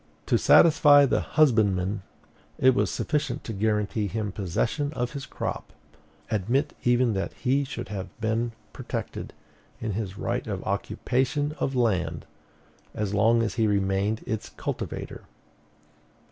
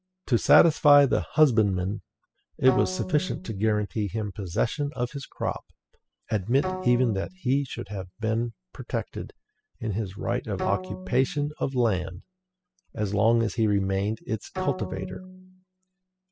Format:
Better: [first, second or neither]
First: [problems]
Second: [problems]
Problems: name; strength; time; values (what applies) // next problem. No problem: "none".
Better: first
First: none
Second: noise reduction (classical method spectral subtraction)